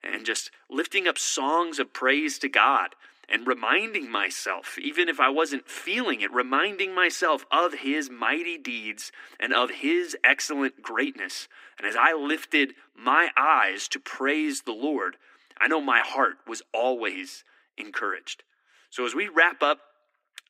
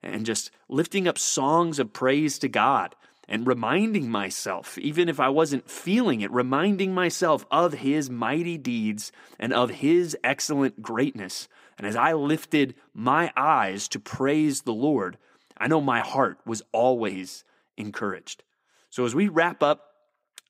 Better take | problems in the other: second | thin; somewhat; fading below 250 Hz

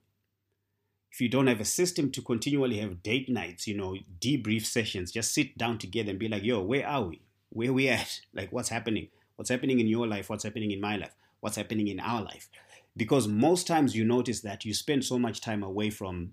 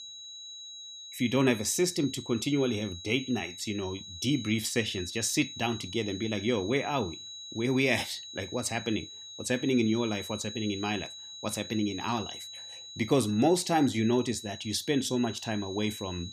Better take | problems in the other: first | high-pitched whine; noticeable; throughout; 4 kHz, 10 dB below the speech

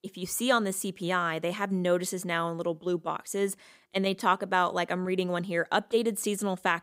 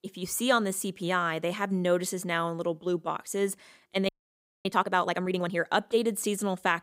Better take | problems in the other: first | audio freezing; at 4 s for 0.5 s

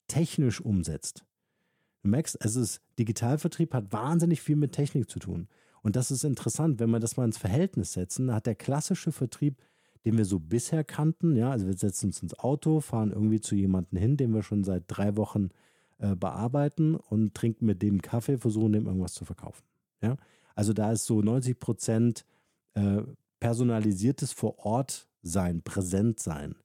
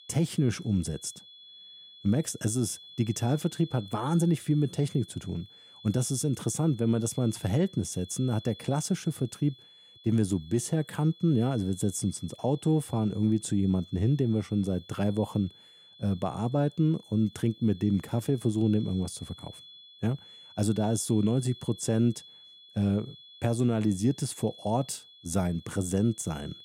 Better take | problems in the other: first | high-pitched whine; faint; throughout; 3.5 kHz, 20 dB below the speech

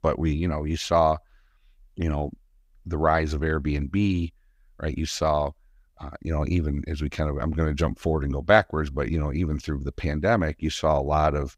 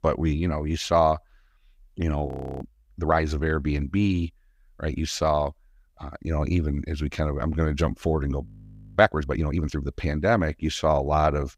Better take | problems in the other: first | audio freezing; at 2.5 s and at 8.5 s for 0.5 s

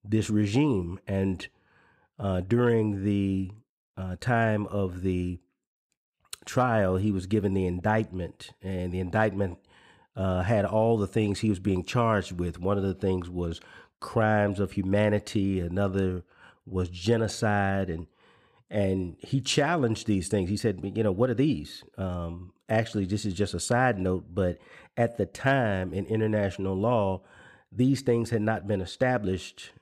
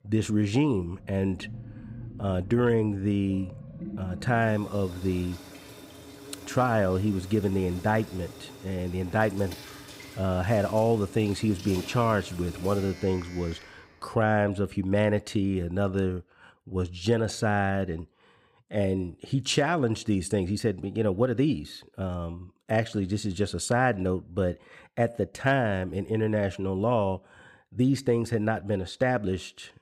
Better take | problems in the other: first | household noises; noticeable; until 14 s; 15 dB below the speech

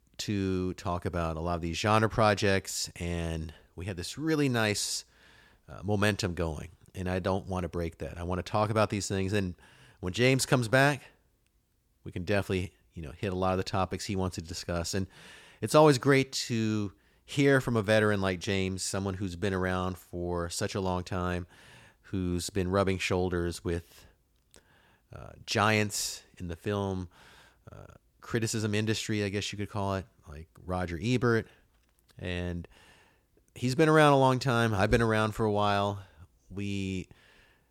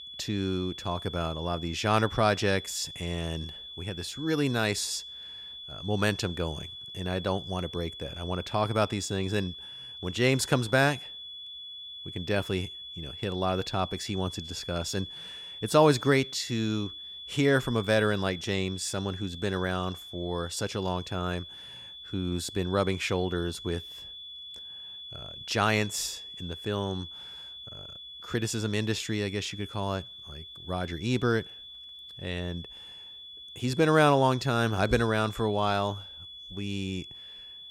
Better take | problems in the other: first | high-pitched whine; noticeable; throughout; 3.5 kHz, 10 dB below the speech

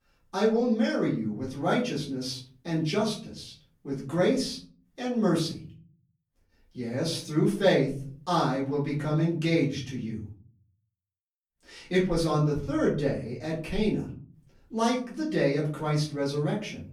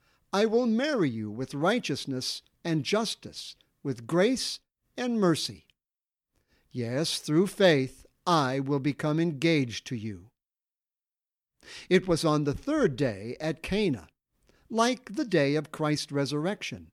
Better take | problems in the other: second | room echo; slight; dies away in 0.5 s // off-mic speech; far

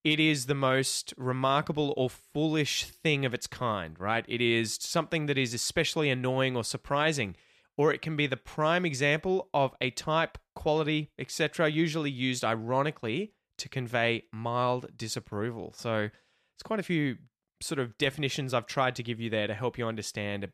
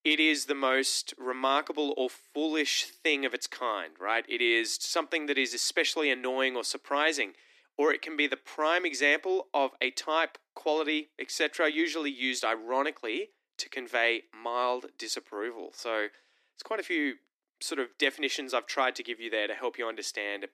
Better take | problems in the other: first | thin; somewhat; fading below 250 Hz

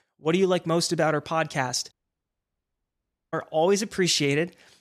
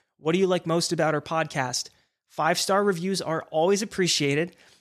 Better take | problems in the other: second | audio cutting out; at 2 s for 1.5 s

